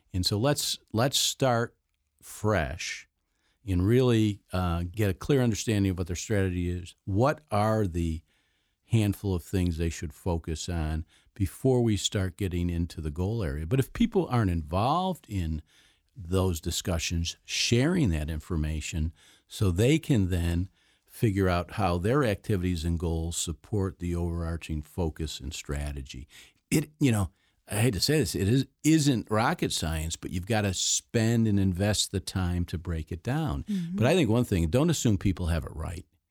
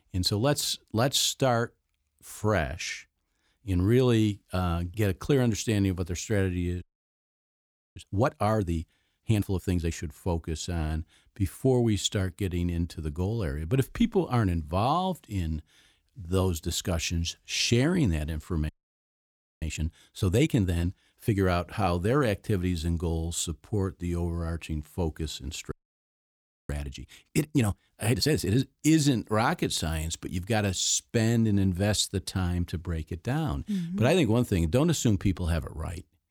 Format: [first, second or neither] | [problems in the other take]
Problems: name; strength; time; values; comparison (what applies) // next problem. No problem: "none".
first | audio freezing; at 7 s for 1 s, at 19 s for 1 s and at 26 s for 1 s